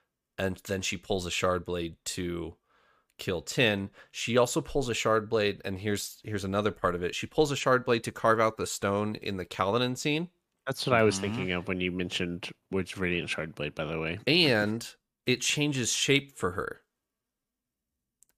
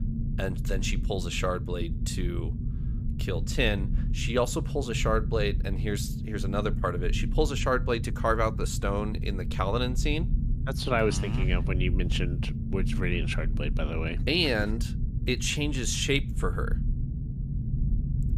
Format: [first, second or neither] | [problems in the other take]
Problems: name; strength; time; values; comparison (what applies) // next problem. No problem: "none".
first | low rumble; noticeable; throughout; 15 dB below the speech